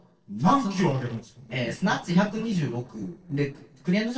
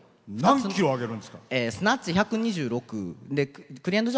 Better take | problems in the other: second | noise reduction (neural separator model SepFormer DNS4)

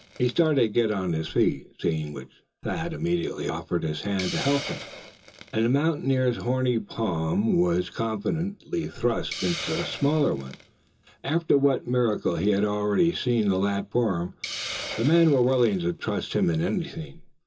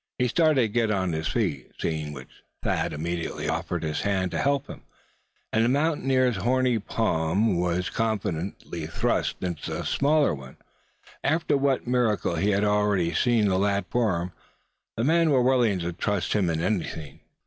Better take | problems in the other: second | background sound (Hiss); 16 dB below the speech // room echo; dies away in 0.2 s

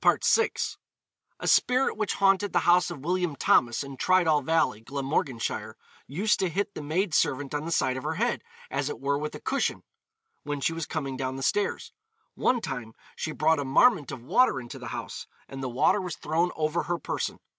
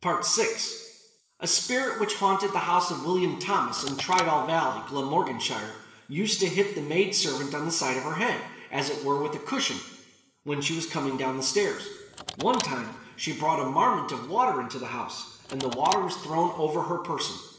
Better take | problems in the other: first | background sound (Car); 15 dB below the speech // room echo; dies away in 1.2 s

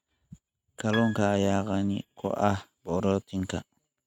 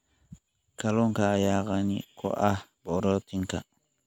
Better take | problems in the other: second | noise reduction (neural mask model RNNoise)

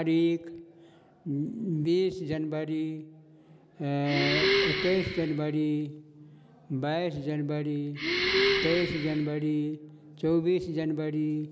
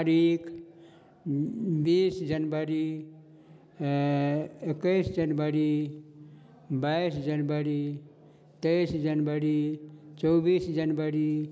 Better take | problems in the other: second | background sound (Breathing); 1 dB below the speech

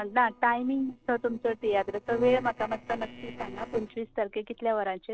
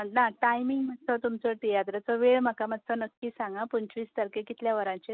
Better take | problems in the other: second | noise reduction (neural separator model SepFormer DNS4)

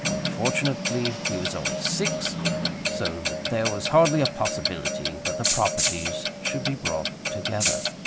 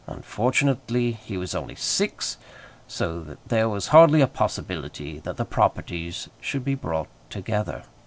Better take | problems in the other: second | background sound (Rattle (instrument) + Clock); 1 dB above the speech

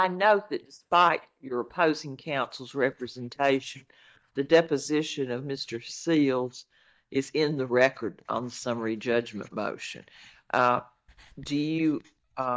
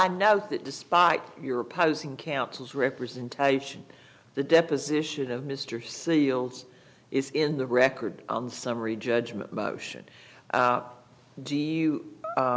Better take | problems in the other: second | noise reduction (neural mask model DeepFilterNet 3)

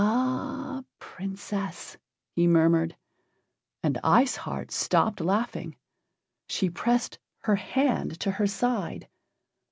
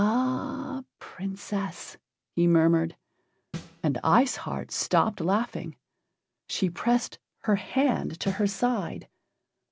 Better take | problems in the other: first | background sound (Snare drum); 16 dB below the speech

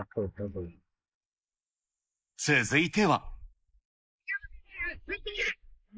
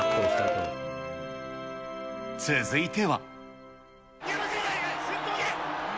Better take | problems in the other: second | noise reduction (neural mask model Resemble Enhance denoiser)

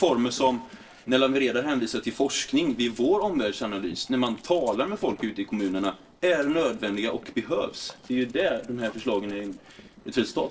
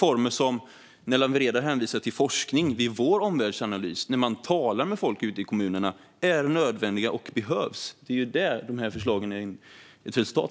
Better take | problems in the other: second | noise reduction (neural separator model SepFormer DNS4)

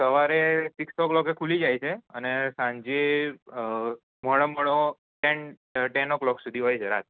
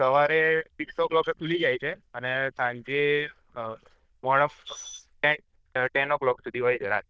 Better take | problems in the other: first | noise reduction (neural diffusion model UNIVERSE++)

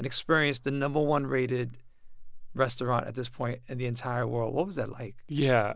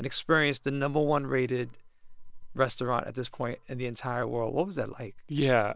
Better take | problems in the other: first | noise reduction (neural separator model SepFormer WHAM!)

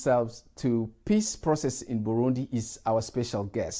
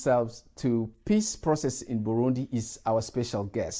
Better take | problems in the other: first | noise reduction (neural mask model Resemble Enhance denoiser)

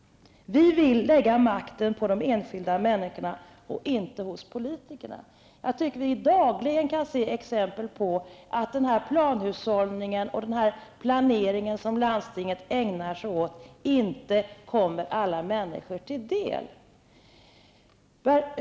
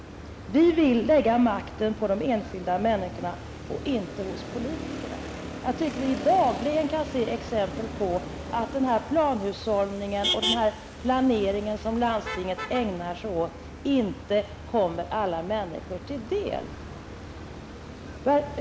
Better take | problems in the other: first | background sound (Motor vehicle (road)); 10 dB below the speech

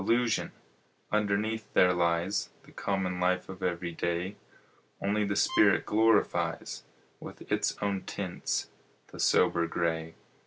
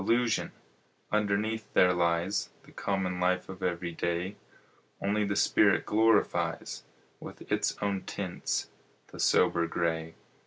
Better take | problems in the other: second | background sound (Bowed string instrument); 14 dB below the speech

